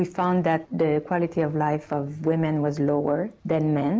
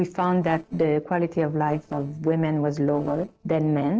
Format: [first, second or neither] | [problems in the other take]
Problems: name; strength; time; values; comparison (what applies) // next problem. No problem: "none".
first | noise reduction (neural separator model SepFormer DNS4)